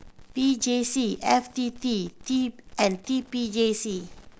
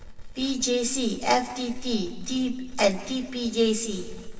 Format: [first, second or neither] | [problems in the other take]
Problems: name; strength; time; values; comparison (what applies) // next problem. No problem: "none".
first | room echo; dies away in 1.8 s